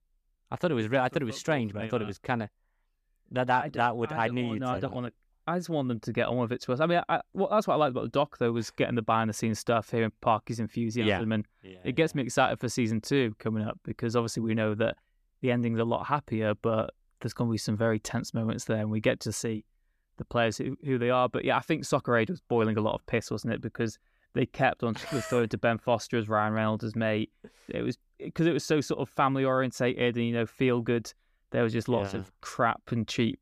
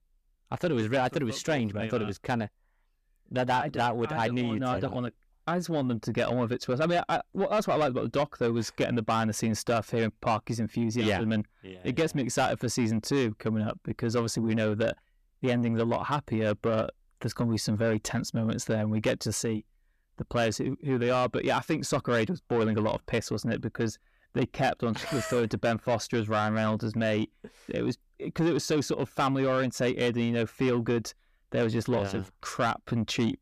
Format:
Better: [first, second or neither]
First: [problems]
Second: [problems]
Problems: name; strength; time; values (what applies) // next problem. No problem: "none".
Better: first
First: none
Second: distortion; slight; 10 dB below the speech